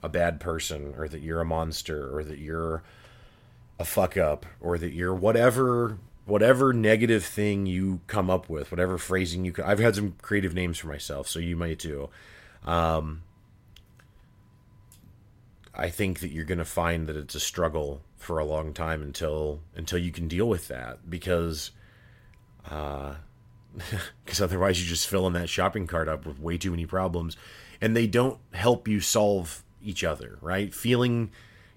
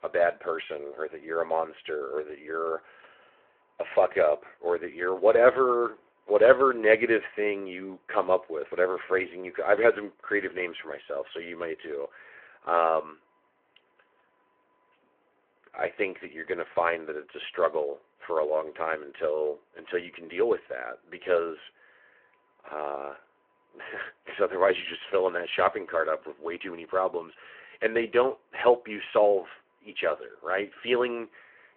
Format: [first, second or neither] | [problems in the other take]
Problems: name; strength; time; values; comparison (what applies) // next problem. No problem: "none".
first | phone-call audio